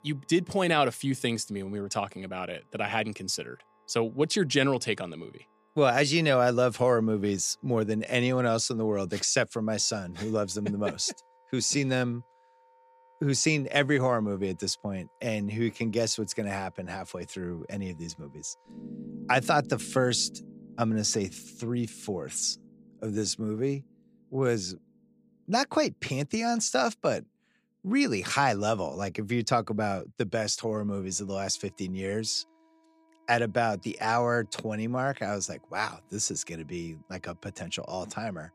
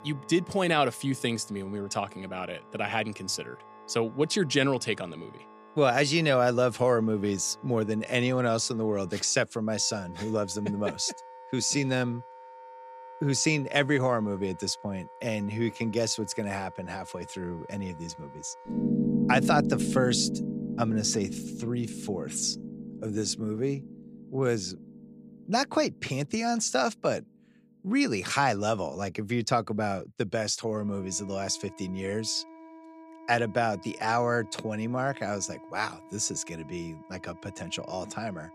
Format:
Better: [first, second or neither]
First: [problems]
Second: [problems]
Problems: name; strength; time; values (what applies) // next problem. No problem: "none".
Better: first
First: background music; faint; throughout; 25 dB below the speech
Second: background music; loud; throughout; 9 dB below the speech